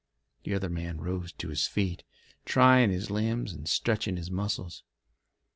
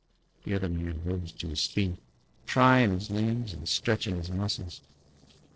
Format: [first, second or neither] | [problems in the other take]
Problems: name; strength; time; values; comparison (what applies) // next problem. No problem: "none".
first | noise reduction (neural separator model SepFormer DNS4)